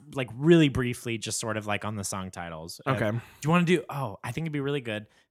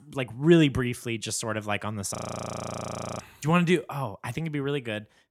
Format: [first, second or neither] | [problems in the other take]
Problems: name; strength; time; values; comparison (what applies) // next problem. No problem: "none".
first | audio freezing; at 2 s for 1 s